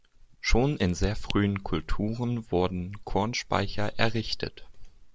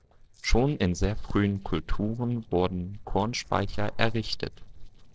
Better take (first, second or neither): first